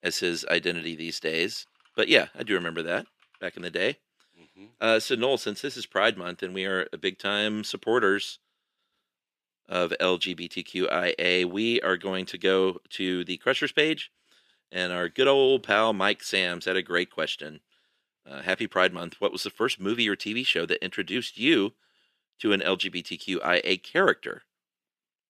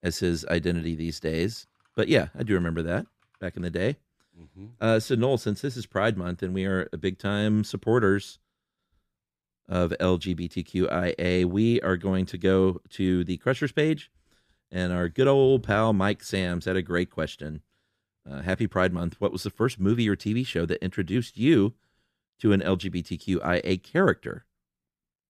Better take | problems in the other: second | thin; somewhat; fading below 350 Hz

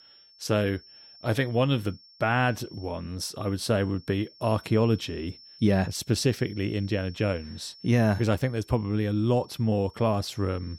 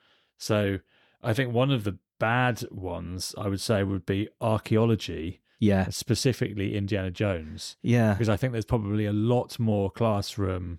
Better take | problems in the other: second | high-pitched whine; faint; throughout; 5.5 kHz, 25 dB below the speech

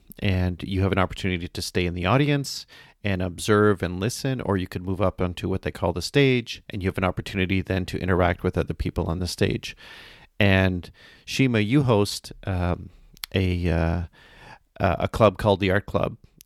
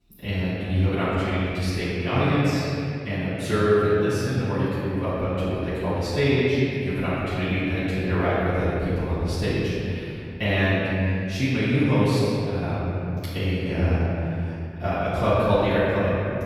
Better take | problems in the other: first | off-mic speech; far // room echo; strong; dies away in 2.7 s

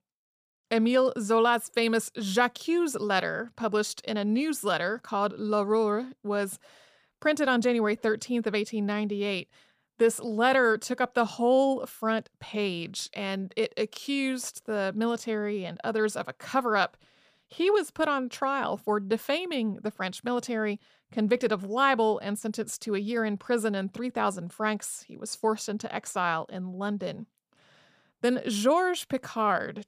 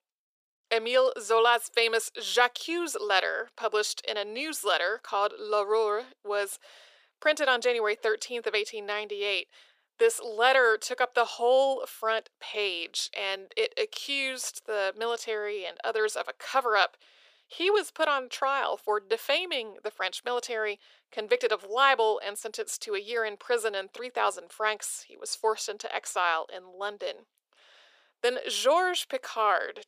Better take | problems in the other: first | thin; very; fading below 400 Hz

